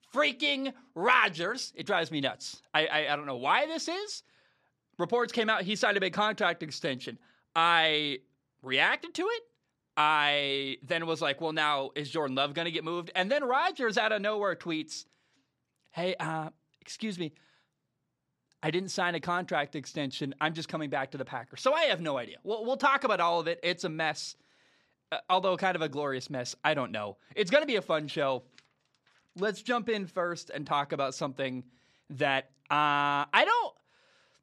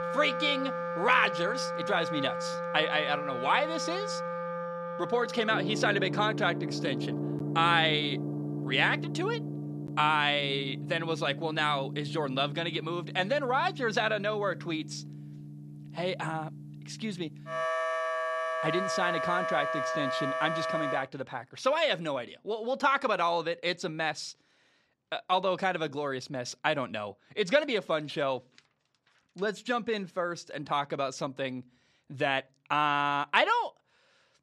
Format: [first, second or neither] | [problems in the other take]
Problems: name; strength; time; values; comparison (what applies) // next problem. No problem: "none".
first | background music; loud; until 21 s; 5 dB below the speech